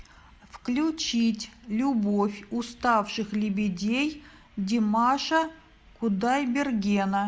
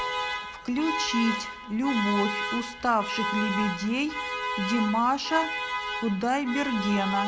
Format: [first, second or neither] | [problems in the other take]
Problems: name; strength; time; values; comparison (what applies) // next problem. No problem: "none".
first | background sound (Alarm); 4 dB below the speech